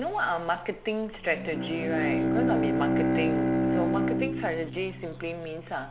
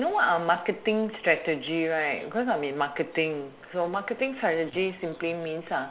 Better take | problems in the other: second | background sound (Bowed string instrument); 3 dB above the speech

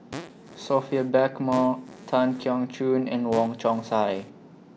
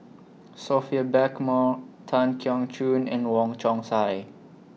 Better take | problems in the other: second | background sound (Fart); 17 dB below the speech

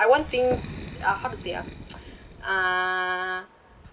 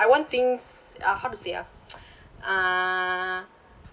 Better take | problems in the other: second | background sound (Boom + Knock); 13 dB below the speech

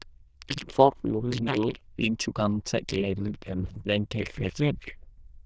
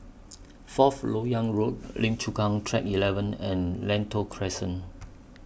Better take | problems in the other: second | noise reduction (neural diffusion model UNIVERSE++)

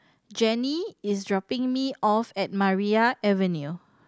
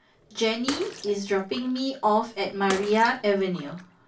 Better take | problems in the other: first | background sound (Bathtub (filling or washing) / Water / Splash, splatter); 15 dB below the speech // room echo; dies away in 0.3 s

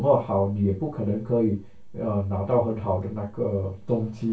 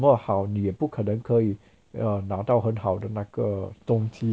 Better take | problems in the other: second | room echo; dies away in 0.2 s

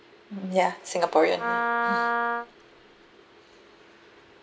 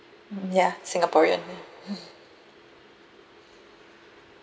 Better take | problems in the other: second | background sound (Wind instrument, woodwind instrument); 2 dB above the speech

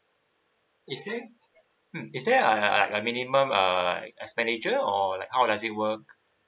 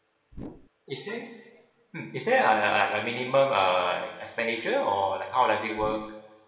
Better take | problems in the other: first | background sound (Whoosh, swoosh, swish); 13 dB below the speech // room echo; dies away in 1.4 s

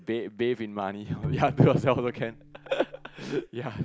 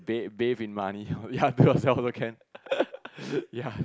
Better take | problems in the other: second | background sound (Bowed string instrument); 11 dB below the speech

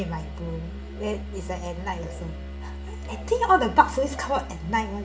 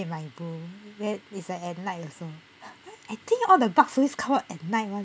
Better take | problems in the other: second | background sound (Musical instrument); 8 dB below the speech // room echo; dies away in 0.5 s

